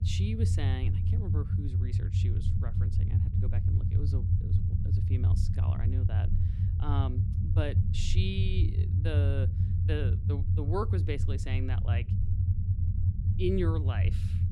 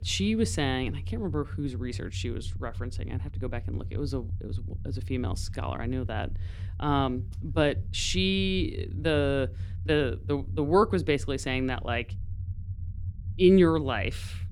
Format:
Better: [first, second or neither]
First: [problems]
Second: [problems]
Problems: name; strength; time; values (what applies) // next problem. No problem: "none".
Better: second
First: low rumble; loud; throughout; 3 dB below the speech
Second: low rumble; faint; throughout; 20 dB below the speech